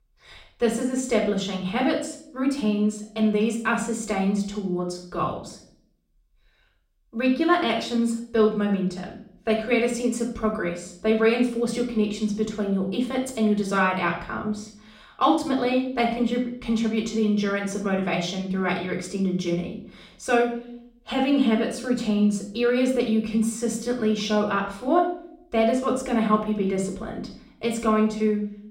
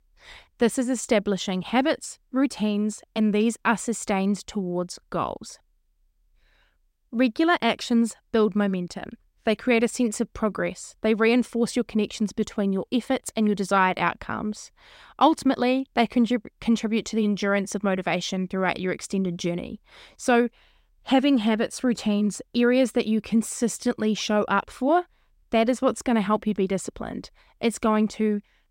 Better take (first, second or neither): second